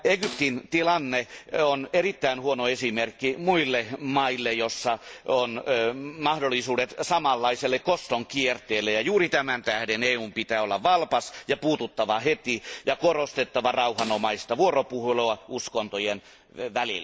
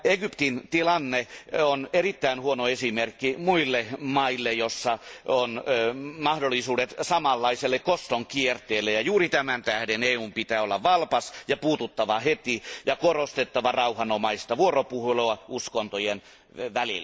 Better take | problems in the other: second | background sound (Snare drum); 15 dB below the speech

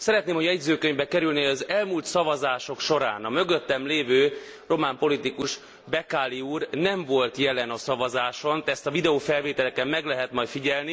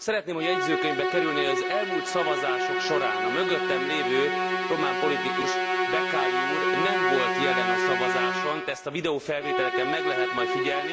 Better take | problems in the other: first | background sound (Musical instrument); 3 dB above the speech

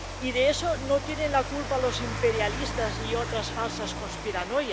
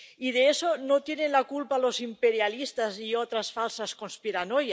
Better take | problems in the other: second | background sound (Rain); 5 dB below the speech

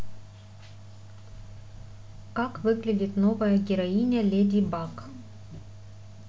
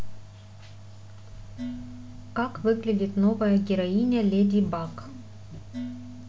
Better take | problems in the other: first | background sound (Dishes, pots, and pans); 17 dB below the speech

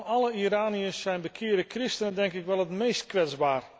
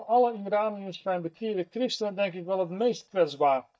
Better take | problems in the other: first | noise reduction (neural mask model DeepFilterNet 3)

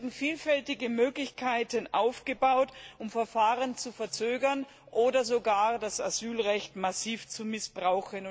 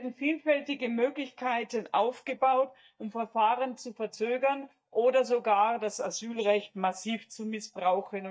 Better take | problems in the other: first | noise reduction (neural mask model DeepFilterNet 3)

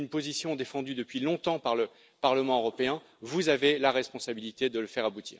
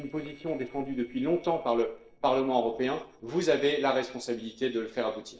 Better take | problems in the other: first | noise reduction (neural separator model SepFormer DNS4)

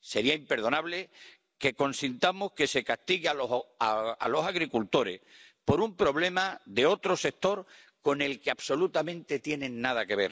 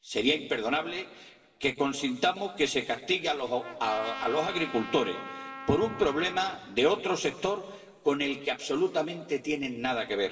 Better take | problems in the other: first | background sound (Trumpet); 12 dB below the speech // room echo; dies away in 2.3 s

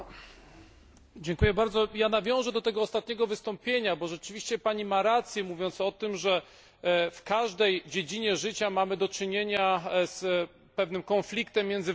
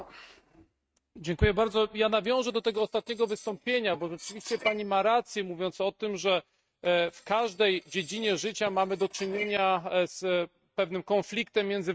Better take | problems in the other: first | noise reduction (neural mask model RNNoise)

